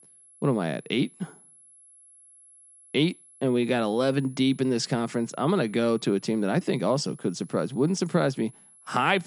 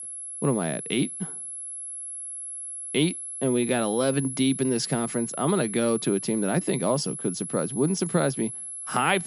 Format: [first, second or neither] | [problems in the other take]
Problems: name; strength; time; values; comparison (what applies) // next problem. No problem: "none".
first | high-pitched whine; loud; throughout; 11 kHz, 7 dB below the speech; faint in the first